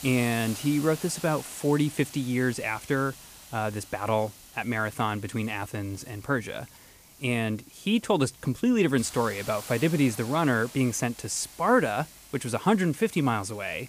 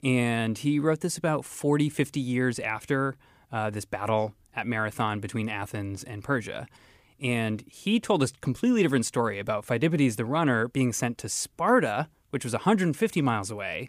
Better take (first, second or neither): second